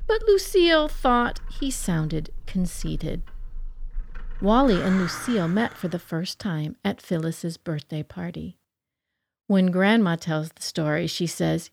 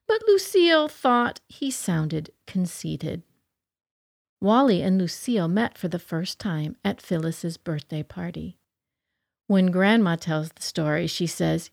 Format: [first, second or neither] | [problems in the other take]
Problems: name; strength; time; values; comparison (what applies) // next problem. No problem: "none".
second | animal sounds; noticeable; until 5.5 s; 15 dB below the speech